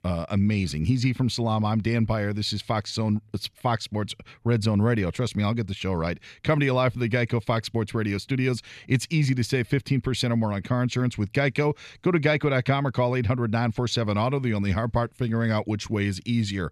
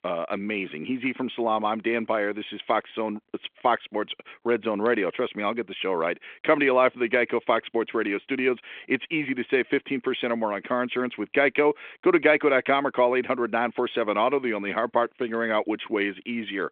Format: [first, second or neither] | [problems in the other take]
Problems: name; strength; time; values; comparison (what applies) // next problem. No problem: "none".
first | phone-call audio; nothing above 3.5 kHz